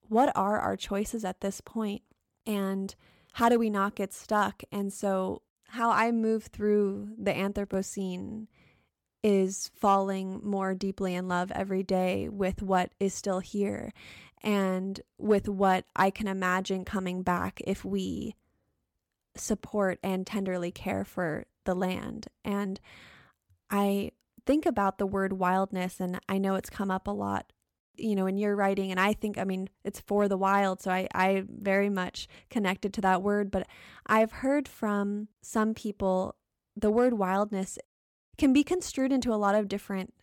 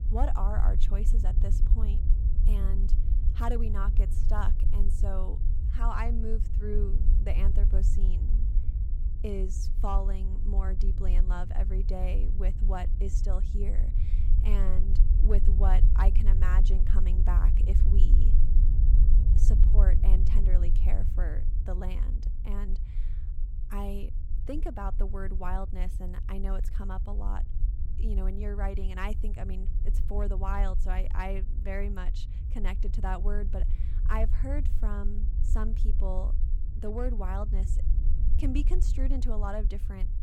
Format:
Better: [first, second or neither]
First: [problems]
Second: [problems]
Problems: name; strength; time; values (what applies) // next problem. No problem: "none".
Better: first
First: none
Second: low rumble; loud; throughout; 9 dB below the speech